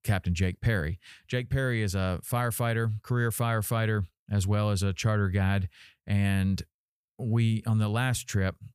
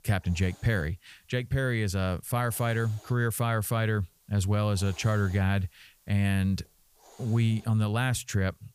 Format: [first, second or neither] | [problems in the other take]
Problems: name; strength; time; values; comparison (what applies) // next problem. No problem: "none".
first | hiss; faint; throughout; 25 dB below the speech